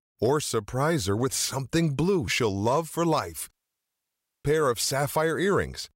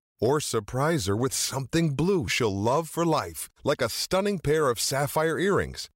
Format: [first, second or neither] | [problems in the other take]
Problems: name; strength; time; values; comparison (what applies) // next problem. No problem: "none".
second | audio cutting out; at 3.5 s for 1 s